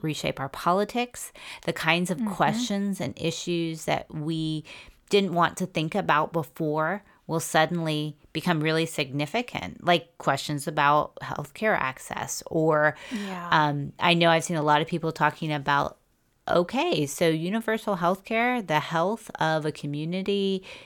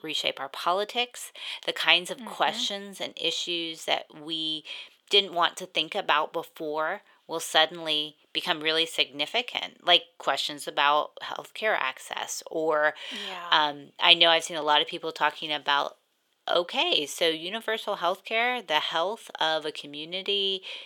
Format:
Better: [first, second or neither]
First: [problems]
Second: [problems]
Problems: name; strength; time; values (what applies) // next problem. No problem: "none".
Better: first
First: none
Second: thin; somewhat; fading below 450 Hz